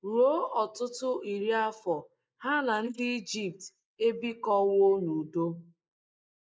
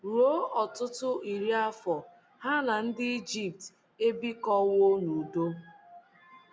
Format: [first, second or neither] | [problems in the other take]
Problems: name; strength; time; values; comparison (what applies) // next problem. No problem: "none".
second | noise reduction (neural mask model Resemble Enhance denoiser)